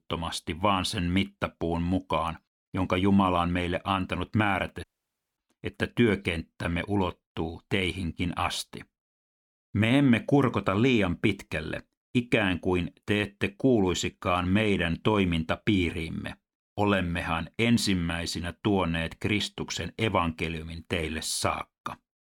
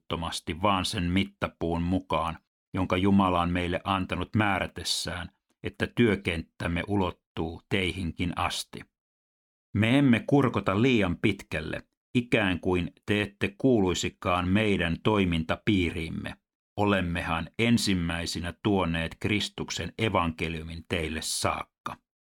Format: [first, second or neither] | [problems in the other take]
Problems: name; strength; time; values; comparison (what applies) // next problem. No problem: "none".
second | audio cutting out; at 5 s for 0.5 s